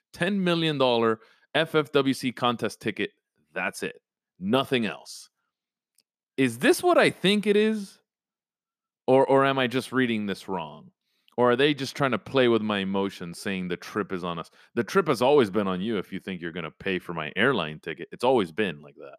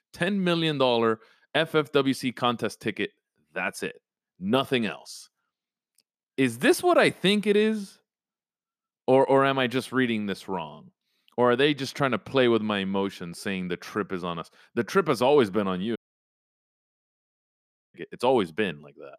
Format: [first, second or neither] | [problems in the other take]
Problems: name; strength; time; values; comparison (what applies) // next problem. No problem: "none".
first | audio cutting out; at 16 s for 2 s